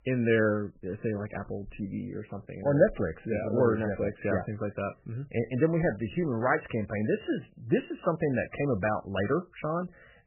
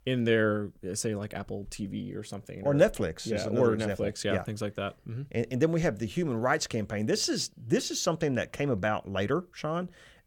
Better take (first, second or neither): second